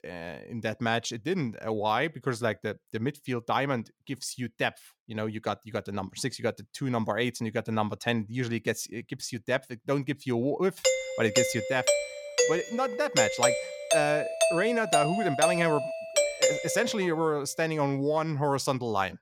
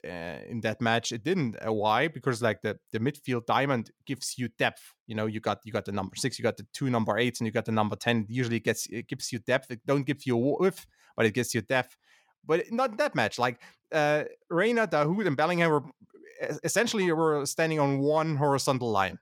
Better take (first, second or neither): second